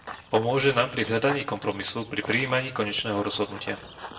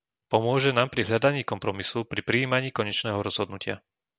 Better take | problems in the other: second | background sound (Run / Bird vocalization, bird call, bird song); 14 dB below the speech // room echo; dies away in 0.6 s

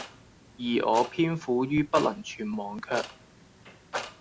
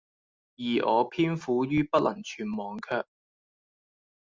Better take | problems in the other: second | background sound (Clock); 12 dB below the speech

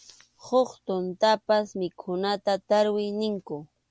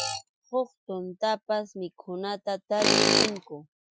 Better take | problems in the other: first | noise reduction (classical method Wiener filter)

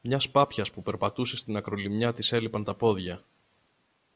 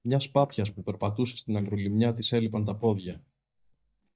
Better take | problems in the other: first | noise reduction (neural mask model DeepFilterNet 3)

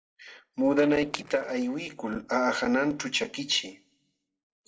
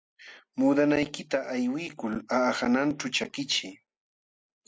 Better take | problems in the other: second | noise reduction (neural separator model SepFormer DNS4)

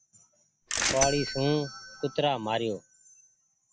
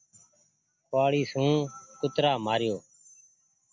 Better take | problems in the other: second | background sound (Bell / Mechanisms); 4 dB below the speech

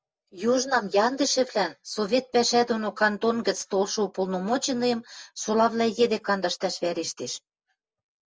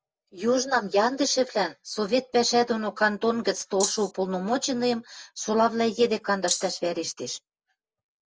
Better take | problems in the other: first | background sound (Rattle (instrument)); 4 dB below the speech

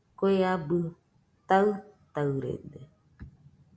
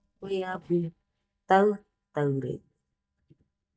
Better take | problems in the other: first | noise reduction (neural mask model DeepFilterNet 3)

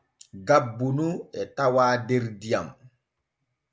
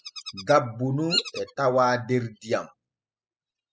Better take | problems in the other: first | noise reduction (classical method spectral subtraction)

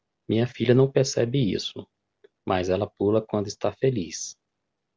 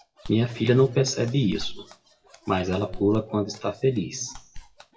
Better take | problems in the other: first | noise reduction (classical method WPE with log-MMSE)

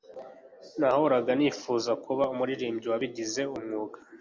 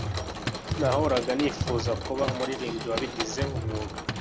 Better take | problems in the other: first | background sound (Drum kit + Mechanisms); 2 dB below the speech

